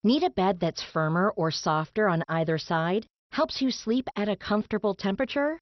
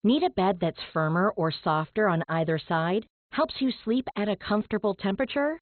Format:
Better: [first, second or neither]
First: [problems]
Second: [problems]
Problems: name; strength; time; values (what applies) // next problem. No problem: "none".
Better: first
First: garbled, watery; slightly; nothing above 6 kHz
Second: garbled, watery; badly; nothing above 4 kHz